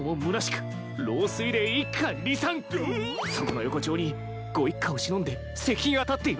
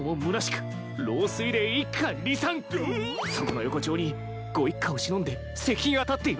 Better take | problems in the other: second | background sound (Glockenspiel); 20 dB below the speech

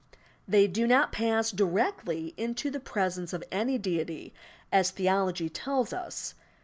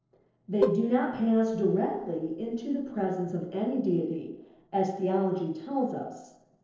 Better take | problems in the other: first | noise reduction (neural separator model SepFormer DNS4)

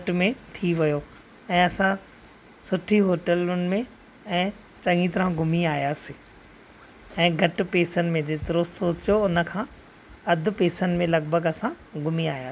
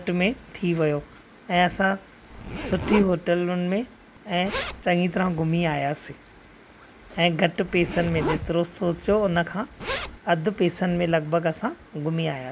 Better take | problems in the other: first | background sound (Zipper (clothing)); 12 dB below the speech

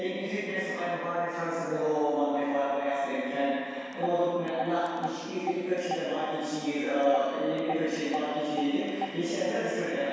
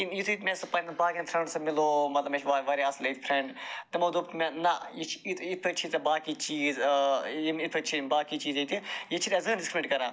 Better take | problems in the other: second | background sound (Telephone); 10 dB below the speech // room echo; dies away in 2 s

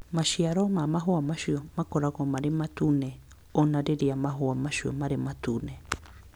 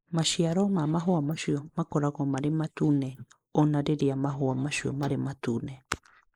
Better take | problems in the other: first | noise reduction (neural mask model Resemble Enhance denoiser)

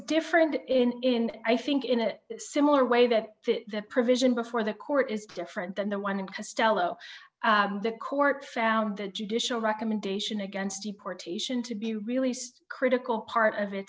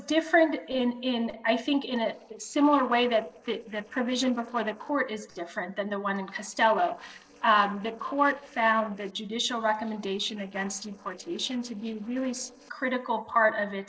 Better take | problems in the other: first | noise reduction (neural separator model SepFormer DNS4)

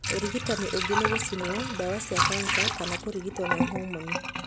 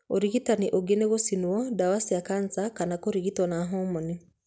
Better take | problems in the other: second | background sound (Sink (filling or washing) / Water); 3 dB above the speech

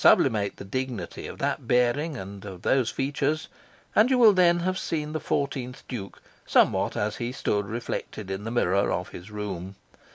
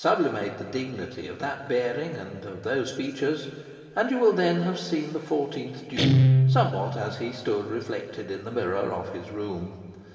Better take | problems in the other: first | background sound (Guitar); 1 dB below the speech // room echo; dies away in 2.6 s

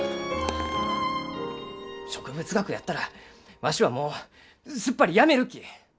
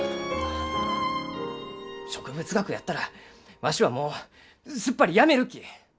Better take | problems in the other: second | background sound (Coin (dropping)); 18 dB below the speech

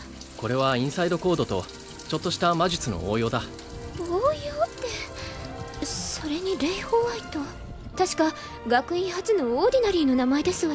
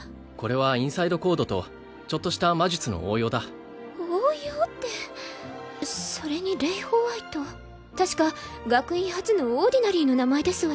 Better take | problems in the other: second | background sound (Rain); 16 dB below the speech

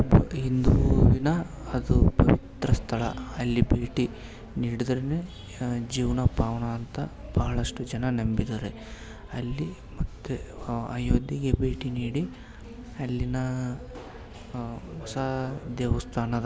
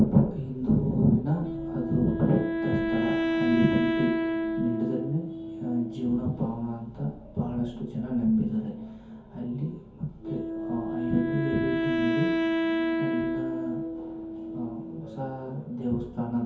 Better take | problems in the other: first | background sound (Wind instrument, woodwind instrument); 3 dB below the speech // room echo; dies away in 0.6 s

